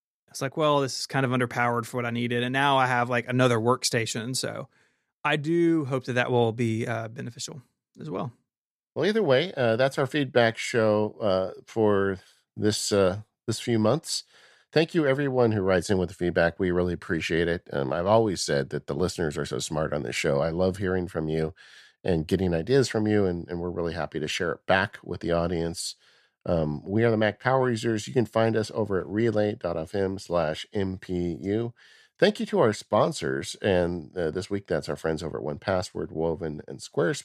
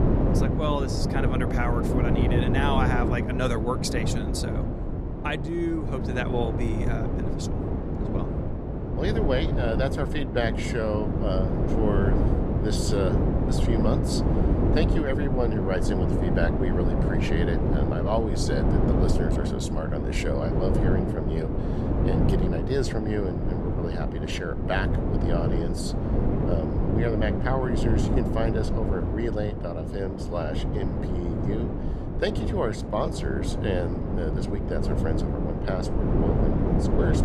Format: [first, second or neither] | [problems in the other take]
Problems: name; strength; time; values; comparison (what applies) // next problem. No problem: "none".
first | wind noise on the microphone; heavy; 1 dB below the speech